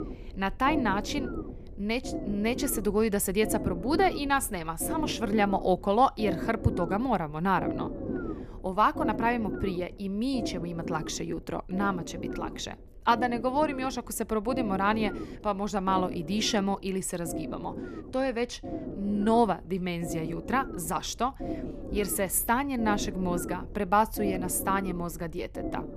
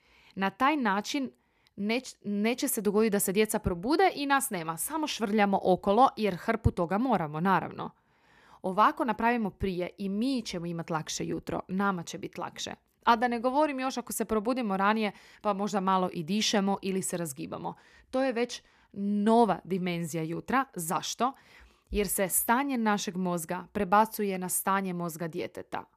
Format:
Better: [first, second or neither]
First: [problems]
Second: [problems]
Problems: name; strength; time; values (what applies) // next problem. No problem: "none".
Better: second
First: low rumble; noticeable; throughout; 10 dB below the speech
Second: none